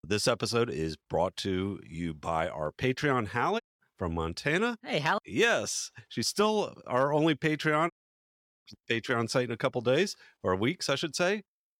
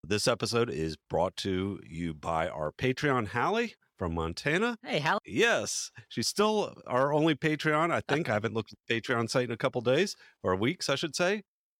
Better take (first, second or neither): second